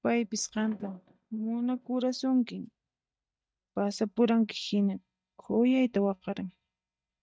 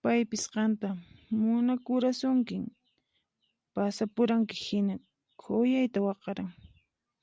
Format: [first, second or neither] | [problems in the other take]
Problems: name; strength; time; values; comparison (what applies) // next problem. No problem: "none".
second | noise reduction (neural mask model DeepFilterNet 3)